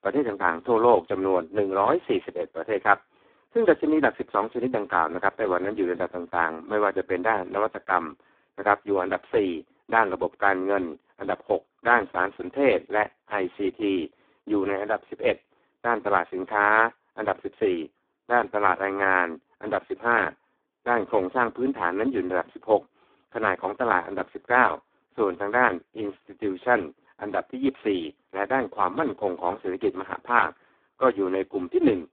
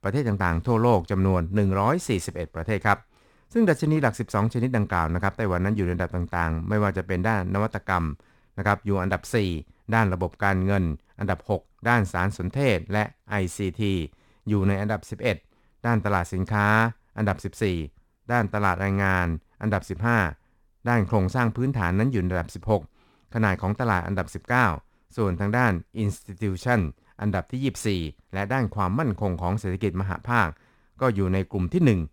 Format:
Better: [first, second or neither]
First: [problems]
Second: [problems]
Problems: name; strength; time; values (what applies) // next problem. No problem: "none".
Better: second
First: phone-call audio; poor line; nothing above 3.5 kHz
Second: none